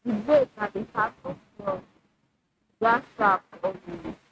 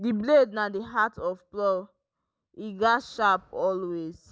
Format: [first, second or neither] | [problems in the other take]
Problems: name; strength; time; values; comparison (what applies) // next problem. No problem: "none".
second | noise reduction (neural mask model RNNoise)